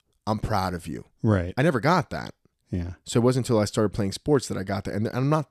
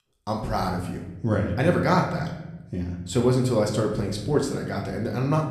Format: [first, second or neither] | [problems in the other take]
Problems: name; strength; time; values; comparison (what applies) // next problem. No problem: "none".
first | room echo; slight; dies away in 0.8 s // off-mic speech; somewhat distant